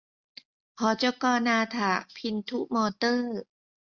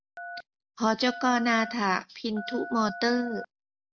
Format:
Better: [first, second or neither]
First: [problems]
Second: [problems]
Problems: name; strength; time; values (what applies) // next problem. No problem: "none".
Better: first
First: none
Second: background sound (Telephone); 13 dB below the speech